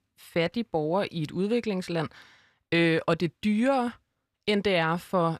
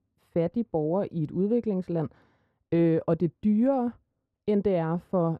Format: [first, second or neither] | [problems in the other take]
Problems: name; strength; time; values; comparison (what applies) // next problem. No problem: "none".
first | muffled; very; fading above 1 kHz